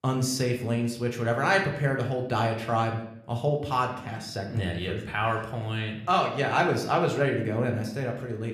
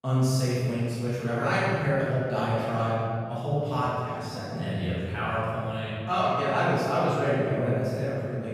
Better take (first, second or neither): first